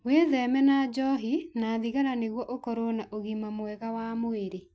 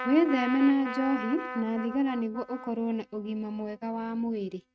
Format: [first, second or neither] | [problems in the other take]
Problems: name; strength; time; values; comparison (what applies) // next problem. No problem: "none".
first | noise reduction (neural mask model RNNoise)